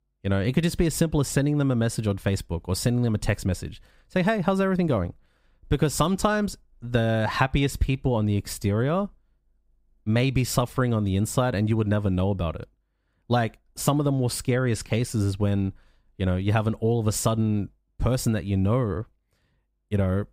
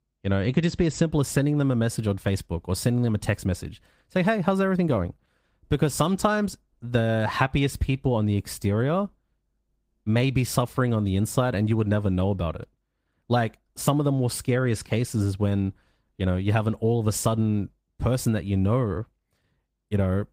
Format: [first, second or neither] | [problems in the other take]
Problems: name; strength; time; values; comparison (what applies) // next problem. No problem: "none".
first | garbled, watery; slightly; nothing above 15.5 kHz